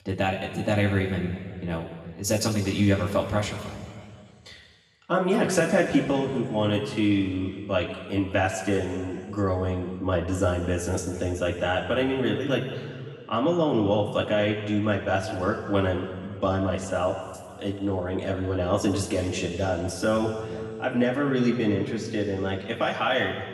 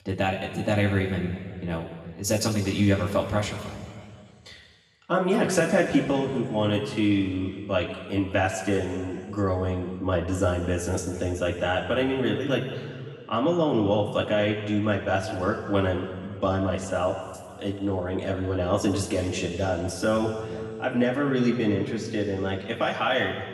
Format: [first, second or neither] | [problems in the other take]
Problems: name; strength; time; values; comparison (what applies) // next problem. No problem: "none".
neither | room echo; noticeable; dies away in 2 s; the same in both // off-mic speech; far; the same in both